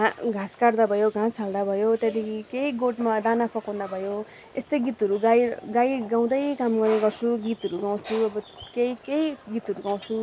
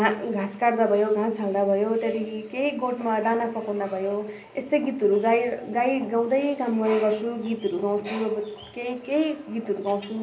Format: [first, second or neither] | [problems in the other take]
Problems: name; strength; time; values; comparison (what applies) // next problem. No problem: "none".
first | room echo; dies away in 0.5 s